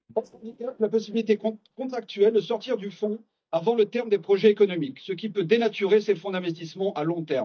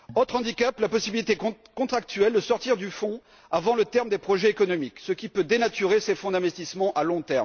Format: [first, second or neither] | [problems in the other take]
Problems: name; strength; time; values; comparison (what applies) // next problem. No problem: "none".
second | noise reduction (neural mask model DeepFilterNet 3)